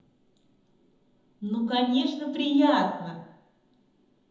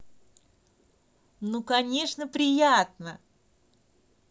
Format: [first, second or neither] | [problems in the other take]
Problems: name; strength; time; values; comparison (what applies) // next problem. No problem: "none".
second | room echo; dies away in 0.9 s